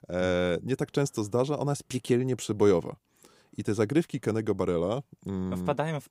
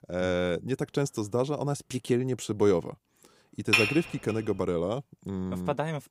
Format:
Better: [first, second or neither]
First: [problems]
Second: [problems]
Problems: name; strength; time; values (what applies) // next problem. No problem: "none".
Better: first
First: none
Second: clattering dishes; loud; at 3.5 s; peak 6 dB above the speech